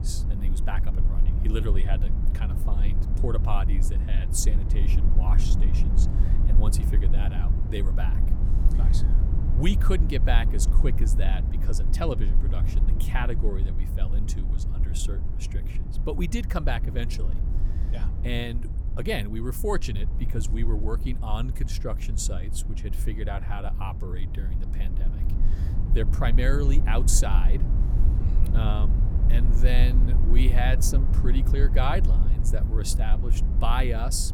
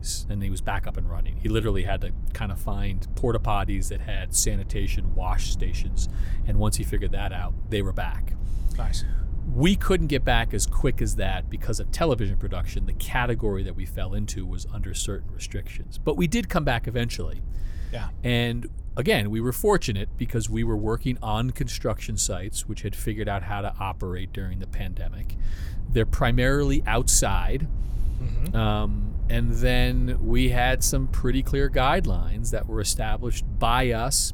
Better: second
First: low rumble; loud; throughout; 9 dB below the speech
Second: low rumble; faint; throughout; 20 dB below the speech

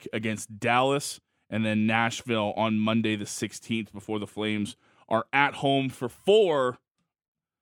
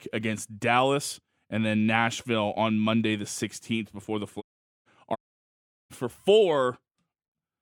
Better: first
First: none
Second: audio cutting out; at 4.5 s and at 5 s for 0.5 s

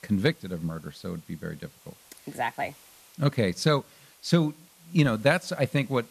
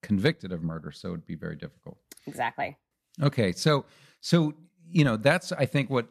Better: second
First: hiss; faint; throughout; 25 dB below the speech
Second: none

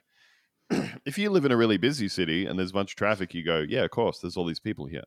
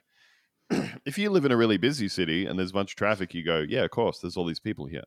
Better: neither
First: none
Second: none

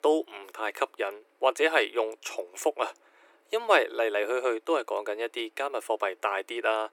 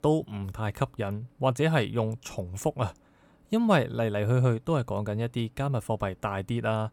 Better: second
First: thin; very; fading below 350 Hz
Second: none

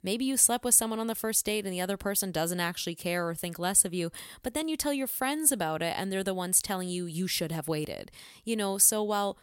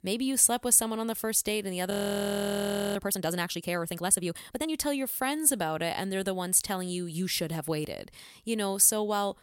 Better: first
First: none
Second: audio freezing; at 2 s for 1 s

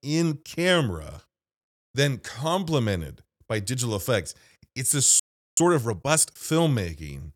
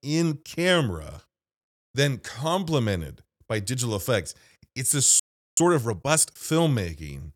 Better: neither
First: audio freezing; at 5 s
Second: audio freezing; at 5 s

